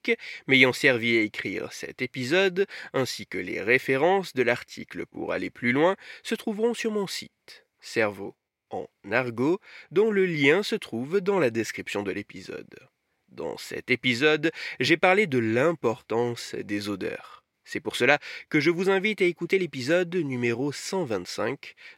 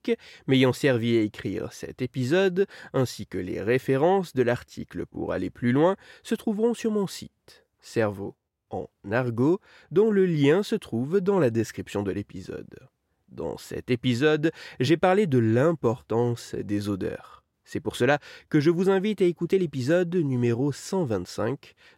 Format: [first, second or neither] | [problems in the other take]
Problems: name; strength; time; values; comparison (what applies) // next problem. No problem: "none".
second | thin; very slightly; fading below 300 Hz